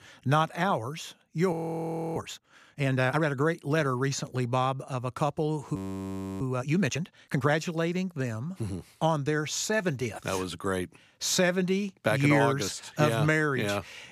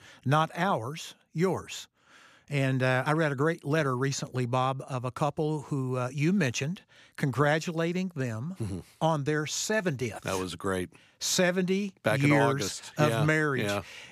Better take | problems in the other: second | audio freezing; at 1.5 s for 0.5 s and at 6 s for 0.5 s

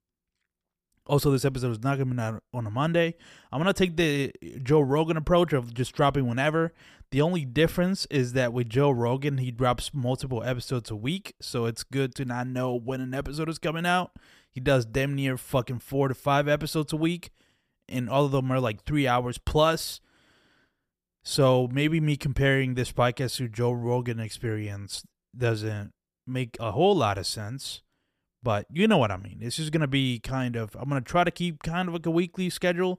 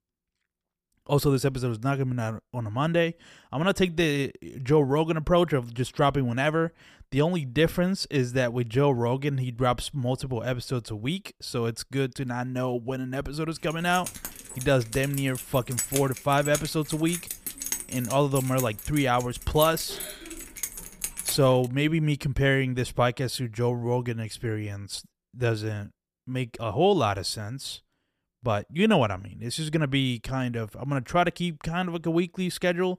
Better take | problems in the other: first | jangling keys; noticeable; from 14 to 22 s; peak 2 dB below the speech

